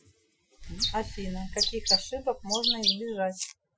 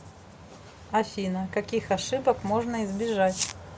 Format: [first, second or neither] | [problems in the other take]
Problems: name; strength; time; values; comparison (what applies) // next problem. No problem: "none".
second | noise reduction (classical method Wiener filter)